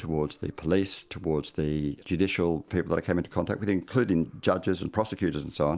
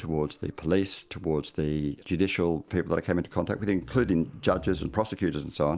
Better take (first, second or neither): first